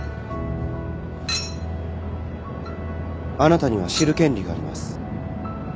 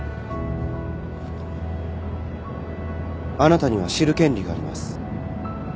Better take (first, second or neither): second